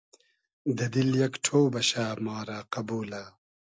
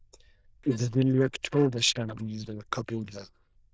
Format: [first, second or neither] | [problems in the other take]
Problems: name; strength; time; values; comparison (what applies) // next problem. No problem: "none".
first | noise reduction (neural diffusion model UNIVERSE++)